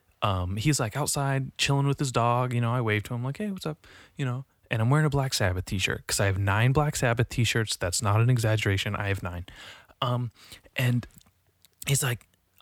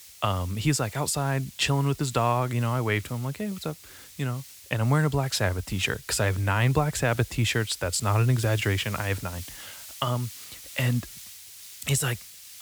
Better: first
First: none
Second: hiss; noticeable; throughout; 15 dB below the speech

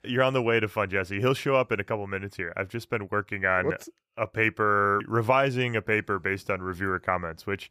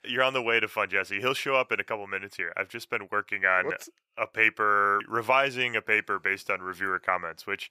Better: first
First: none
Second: thin; somewhat; fading below 800 Hz

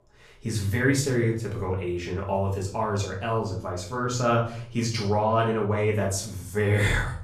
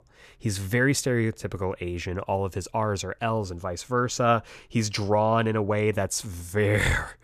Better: second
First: off-mic speech; far // room echo; slight; dies away in 0.4 s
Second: none

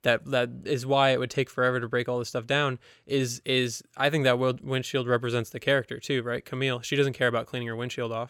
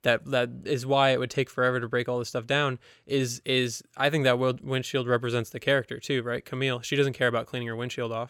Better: neither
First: none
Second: none

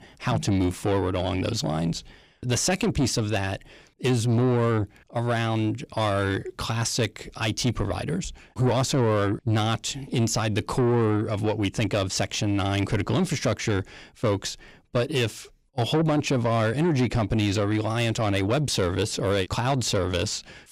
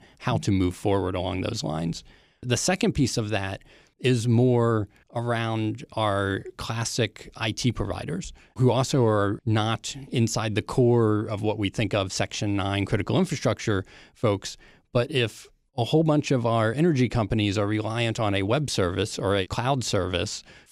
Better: second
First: distortion; slight; 10 dB below the speech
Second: none

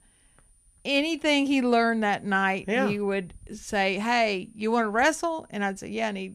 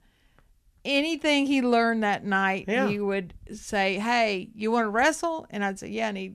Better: second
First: high-pitched whine; faint; throughout; 9.5 kHz, 35 dB below the speech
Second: none

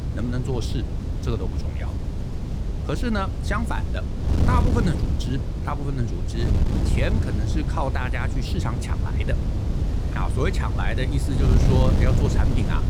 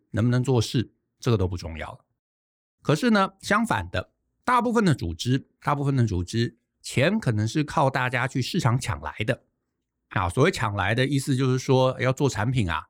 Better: second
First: wind noise on the microphone; heavy; 4 dB below the speech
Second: none

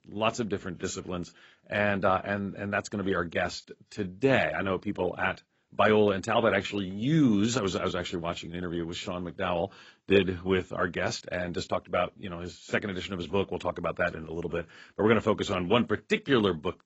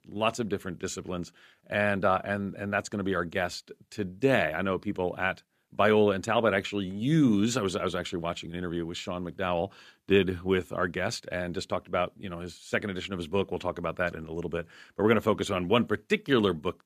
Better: second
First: garbled, watery; badly; nothing above 7.5 kHz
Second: none

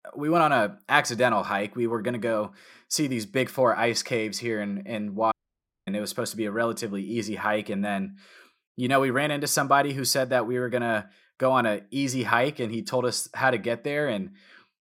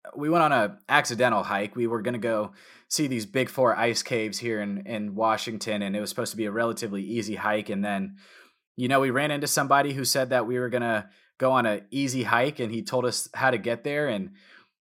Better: second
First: audio cutting out; at 5.5 s for 0.5 s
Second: none

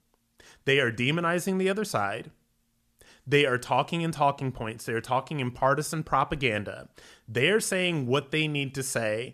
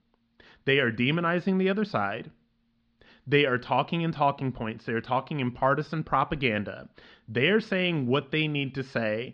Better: first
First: none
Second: muffled; slightly; fading above 4.5 kHz

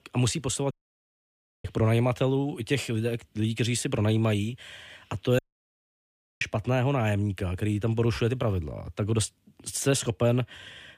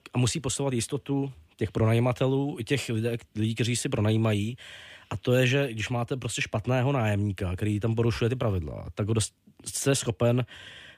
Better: second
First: audio cutting out; at 0.5 s for 1 s and at 5.5 s for 1 s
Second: none

